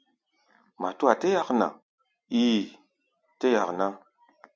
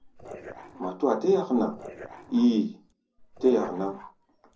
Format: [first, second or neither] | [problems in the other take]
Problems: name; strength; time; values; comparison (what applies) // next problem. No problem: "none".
first | noise reduction (neural separator model SepFormer DNS4)